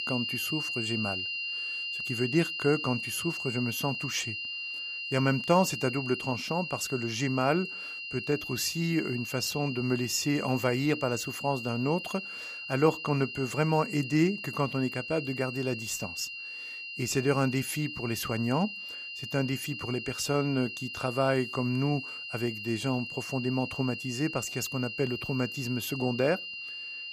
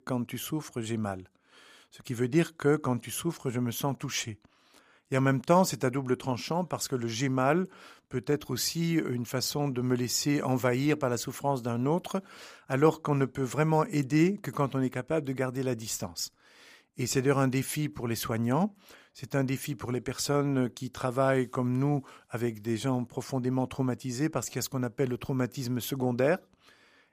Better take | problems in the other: second | high-pitched whine; loud; throughout; 3 kHz, 5 dB below the speech

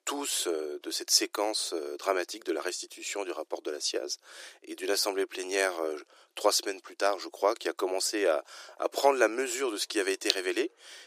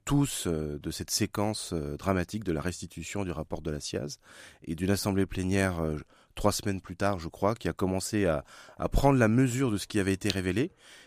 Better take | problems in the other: second | thin; very; fading below 350 Hz

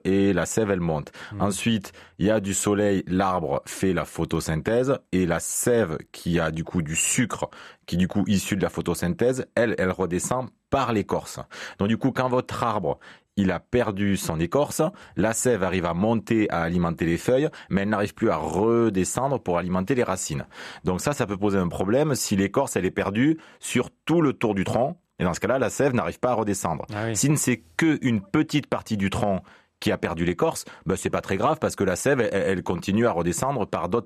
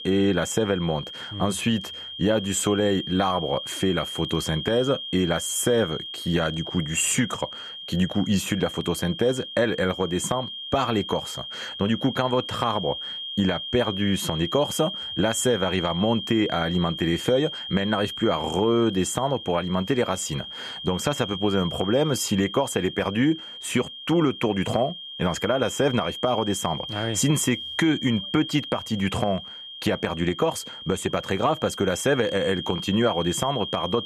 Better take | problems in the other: first | high-pitched whine; loud; throughout; 3 kHz, 8 dB below the speech

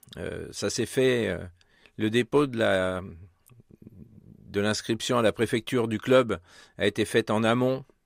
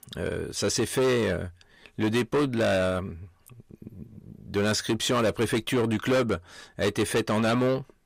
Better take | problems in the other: first | distortion; heavy; 8 dB below the speech

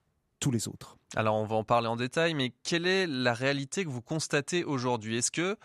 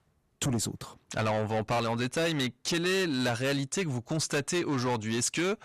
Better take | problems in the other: first | distortion; heavy; 7 dB below the speech

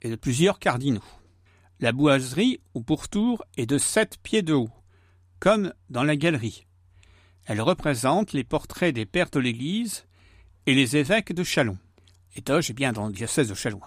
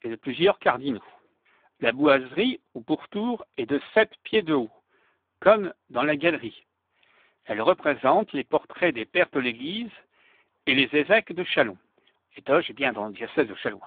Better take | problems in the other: first | phone-call audio; poor line; nothing above 3.5 kHz

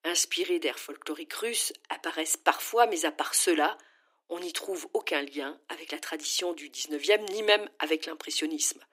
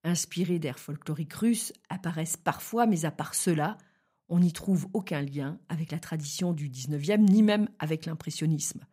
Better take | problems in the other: second | thin; very; fading below 300 Hz

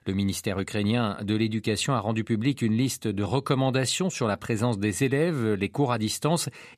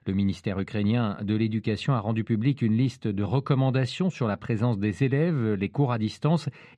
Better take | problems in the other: first | muffled; slightly; fading above 3.5 kHz

